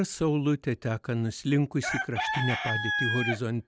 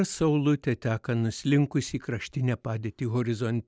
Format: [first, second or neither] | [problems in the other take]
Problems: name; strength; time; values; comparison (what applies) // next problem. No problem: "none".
second | background sound (Chicken, rooster); 5 dB below the speech